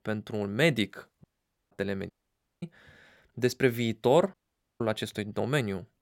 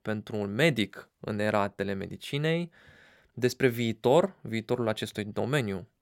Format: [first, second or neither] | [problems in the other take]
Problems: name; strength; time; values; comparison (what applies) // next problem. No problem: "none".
second | audio cutting out; at 1 s, at 2 s for 0.5 s and at 4.5 s